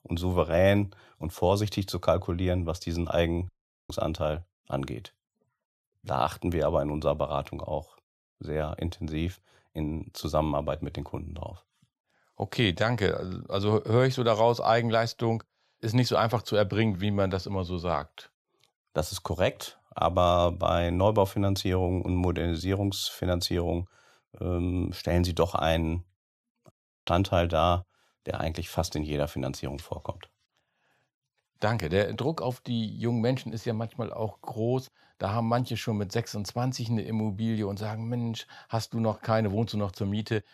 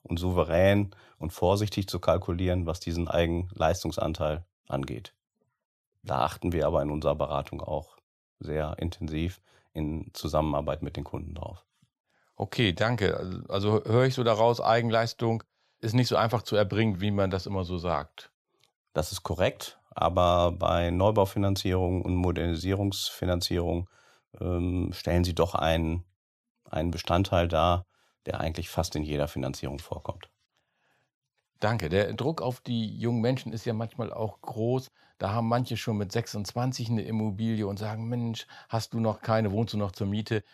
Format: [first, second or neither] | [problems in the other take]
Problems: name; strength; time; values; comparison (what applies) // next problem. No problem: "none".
second | audio cutting out; at 3.5 s and at 27 s